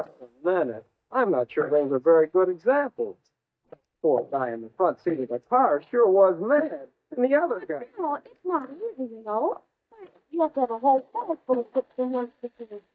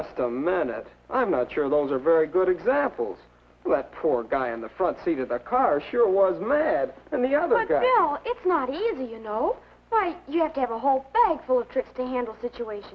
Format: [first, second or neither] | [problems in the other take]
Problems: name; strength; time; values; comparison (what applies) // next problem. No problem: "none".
second | noise reduction (neural mask model DeepFilterNet 3)